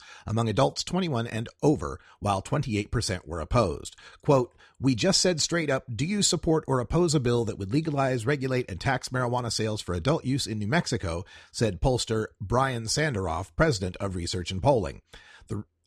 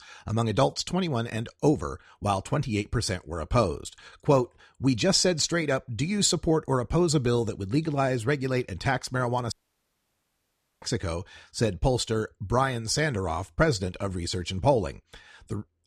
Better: first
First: none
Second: audio cutting out; at 9.5 s for 1.5 s

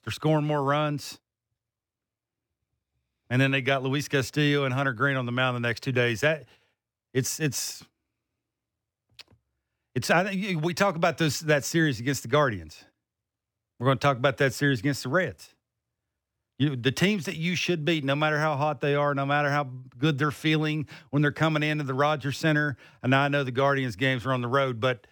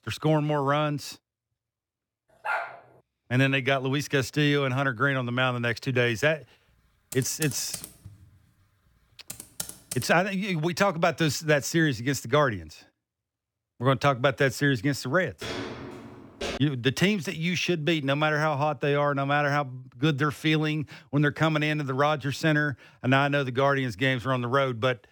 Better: first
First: none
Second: dog barking; noticeable; at 2.5 s; peak 5 dB below the speech // keyboard typing; noticeable; from 7 to 10 s; peak 9 dB below the speech // footsteps; noticeable; from 15 to 17 s; peak 9 dB below the speech

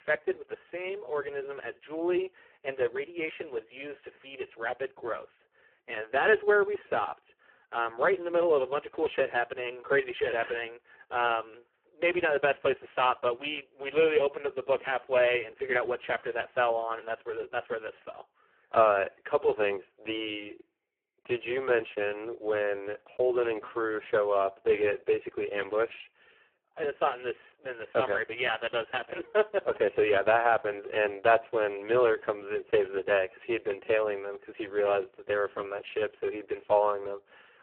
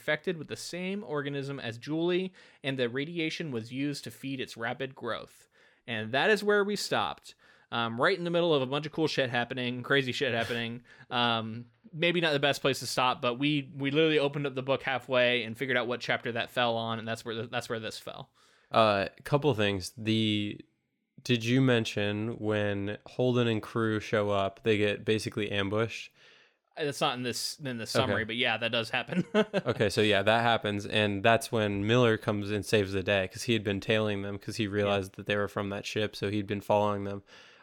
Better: second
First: phone-call audio; poor line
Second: none

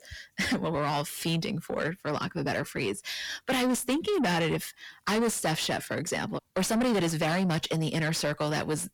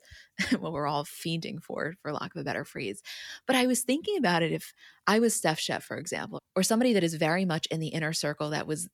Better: second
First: distortion; heavy; 6 dB below the speech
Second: none

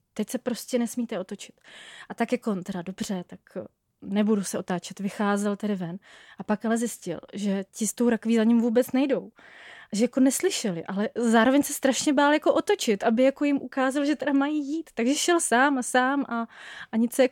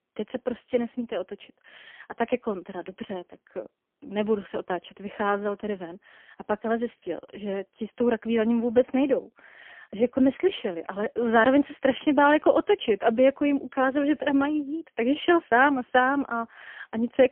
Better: first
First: none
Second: phone-call audio; poor line; nothing above 3.5 kHz

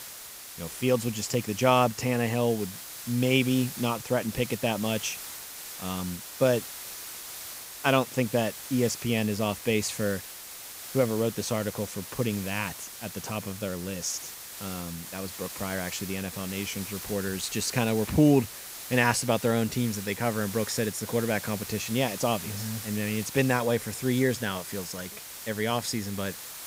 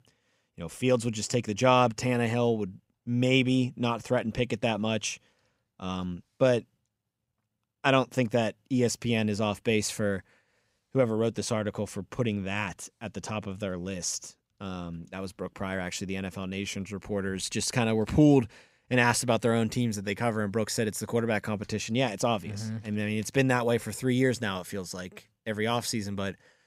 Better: second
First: hiss; loud; throughout; 10 dB below the speech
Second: none

